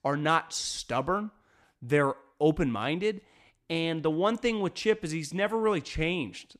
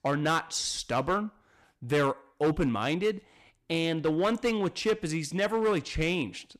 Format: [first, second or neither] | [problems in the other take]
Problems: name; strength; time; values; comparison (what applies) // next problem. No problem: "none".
first | distortion; slight; 6% of the sound clipped